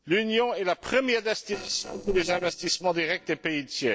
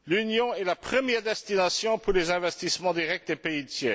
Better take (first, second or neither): second